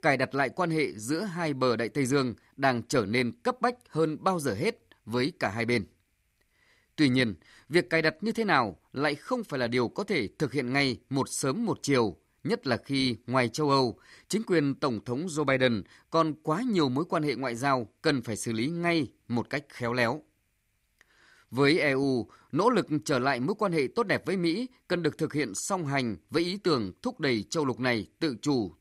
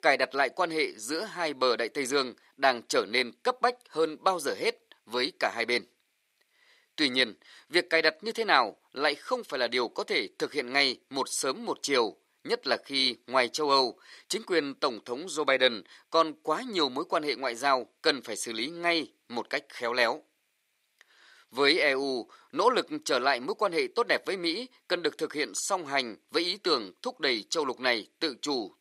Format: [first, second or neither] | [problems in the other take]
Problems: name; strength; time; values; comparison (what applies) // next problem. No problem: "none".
first | thin; somewhat; fading below 500 Hz